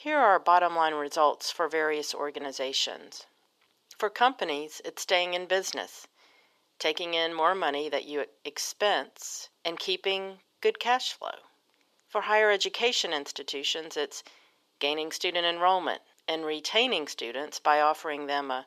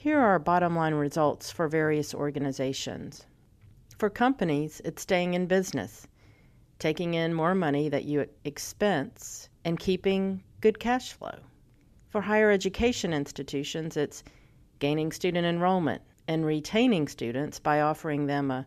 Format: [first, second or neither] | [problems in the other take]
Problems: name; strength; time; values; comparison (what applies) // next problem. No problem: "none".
second | thin; very; fading below 450 Hz